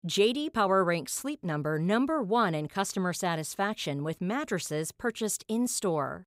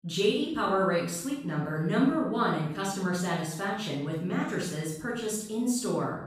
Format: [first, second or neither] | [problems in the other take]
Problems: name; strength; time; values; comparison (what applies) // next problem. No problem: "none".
first | off-mic speech; far // room echo; noticeable; dies away in 0.7 s